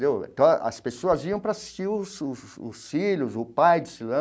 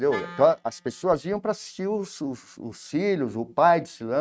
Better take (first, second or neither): first